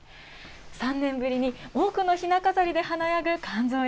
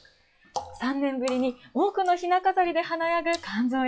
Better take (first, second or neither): first